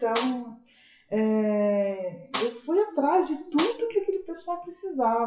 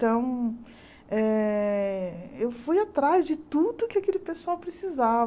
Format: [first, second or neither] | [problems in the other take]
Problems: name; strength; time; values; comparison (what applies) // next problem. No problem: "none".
second | noise reduction (classical method WPE with log-MMSE)